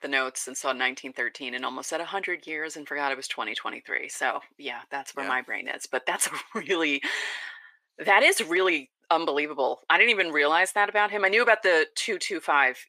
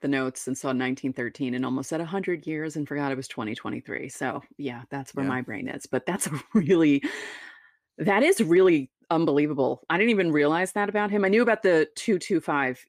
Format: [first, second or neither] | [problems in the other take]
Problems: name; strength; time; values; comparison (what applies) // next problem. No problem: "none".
second | thin; very; fading below 750 Hz